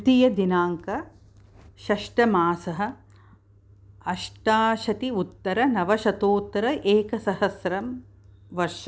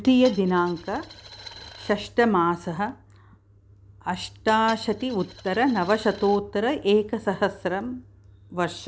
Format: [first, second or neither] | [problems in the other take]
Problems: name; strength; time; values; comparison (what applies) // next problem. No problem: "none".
first | background sound (Coin (dropping)); 19 dB below the speech